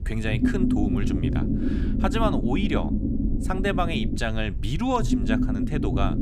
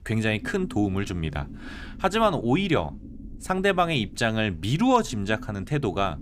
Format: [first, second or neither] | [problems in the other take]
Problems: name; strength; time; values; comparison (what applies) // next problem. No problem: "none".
second | low rumble; loud; throughout; 3 dB below the speech; faint in the second